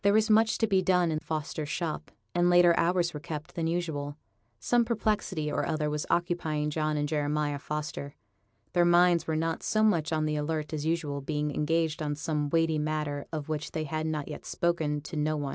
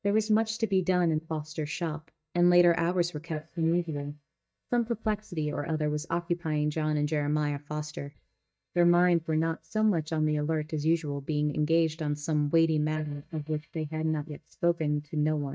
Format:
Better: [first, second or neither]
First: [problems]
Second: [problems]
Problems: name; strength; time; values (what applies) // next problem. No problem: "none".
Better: first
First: none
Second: noise reduction (neural mask model DeepFilterNet 3)